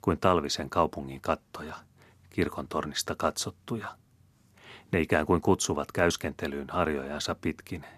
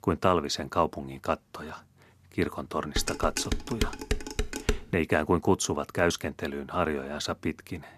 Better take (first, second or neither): first